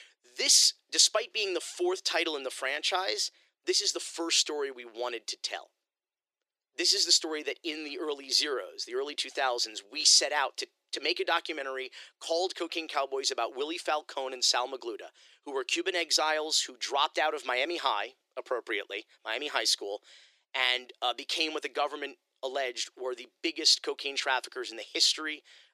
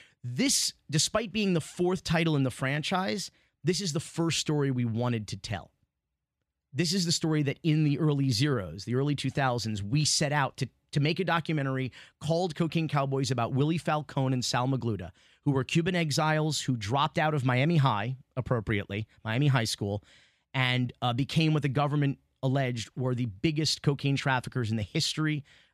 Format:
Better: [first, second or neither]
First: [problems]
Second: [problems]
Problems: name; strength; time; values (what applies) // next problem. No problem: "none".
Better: second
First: thin; very; fading below 350 Hz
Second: none